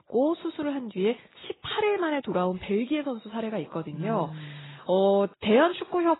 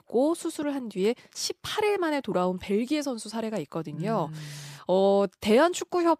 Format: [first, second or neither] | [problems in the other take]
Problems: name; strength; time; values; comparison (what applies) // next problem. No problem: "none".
second | garbled, watery; badly; nothing above 4 kHz